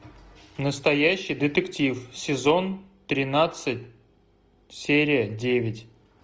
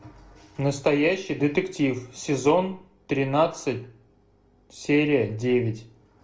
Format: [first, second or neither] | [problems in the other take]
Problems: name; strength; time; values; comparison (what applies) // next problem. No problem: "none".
first | room echo; dies away in 0.3 s